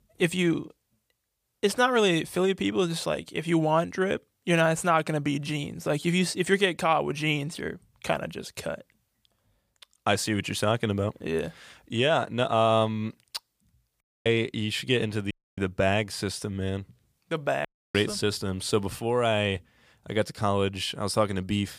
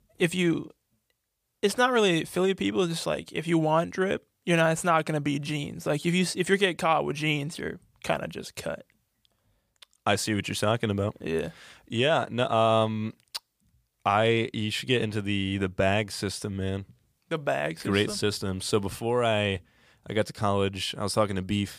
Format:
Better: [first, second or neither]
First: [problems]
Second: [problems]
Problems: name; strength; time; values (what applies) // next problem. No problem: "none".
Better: second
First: audio cutting out; at 14 s, at 15 s and at 18 s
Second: none